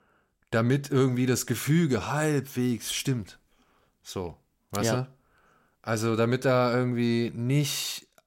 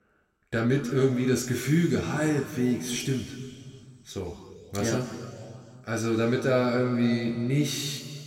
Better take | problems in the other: first | room echo; slight; dies away in 2.1 s // off-mic speech; somewhat distant

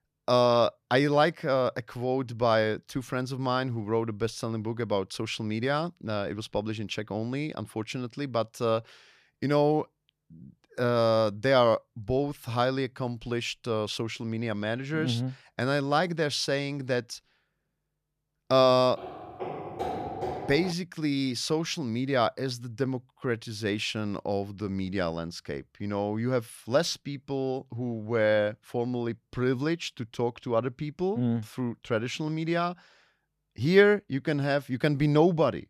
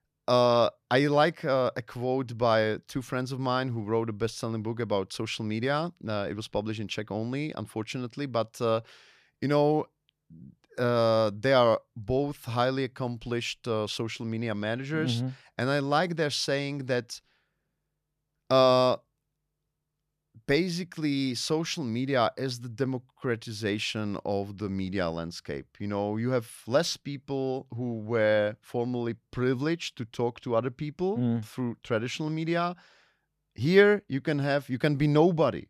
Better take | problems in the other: second | footsteps; noticeable; from 19 to 21 s; peak 6 dB below the speech

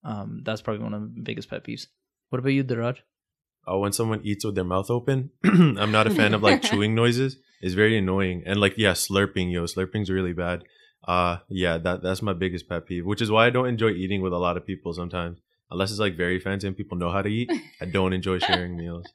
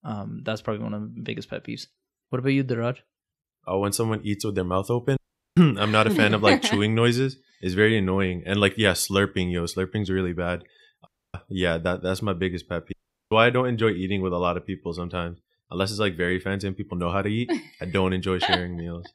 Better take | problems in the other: first | audio cutting out; at 5 s, at 11 s and at 13 s

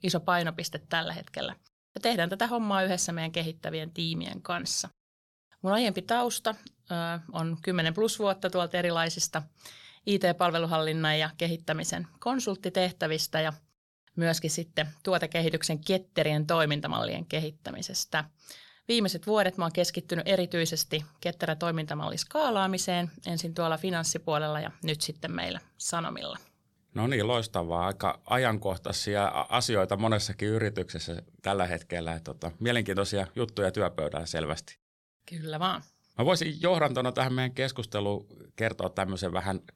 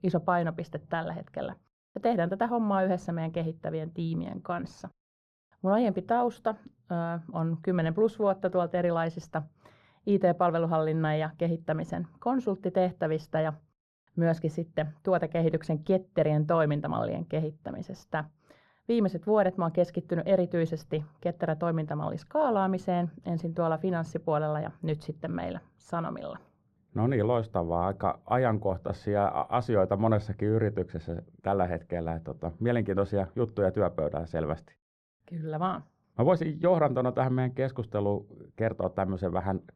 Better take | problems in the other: first | muffled; very; fading above 2.5 kHz

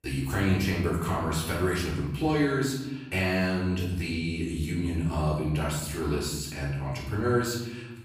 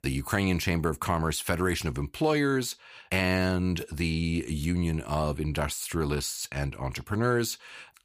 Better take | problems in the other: second | room echo; noticeable; dies away in 1 s // off-mic speech; far

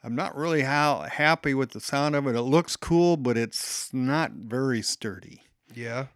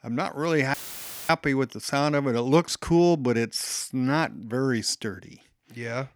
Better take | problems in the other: first | audio cutting out; filled with static; at 0.5 s for 0.5 s

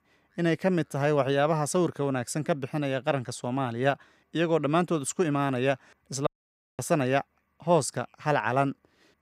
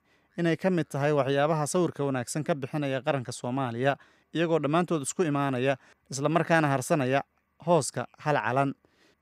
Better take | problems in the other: second | audio cutting out; at 6.5 s for 0.5 s

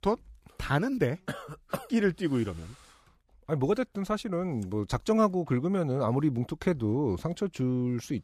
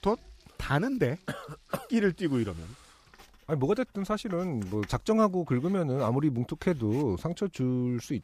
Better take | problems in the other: first | household noises; faint; throughout; 25 dB below the speech

